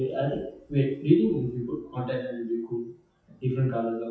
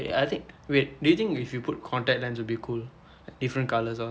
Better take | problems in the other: second | noise reduction (classical method WPE with log-MMSE)

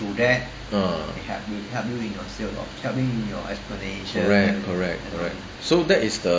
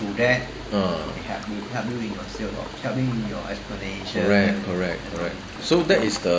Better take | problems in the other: first | background sound (Toilet flush / Gurgling); 15 dB below the speech

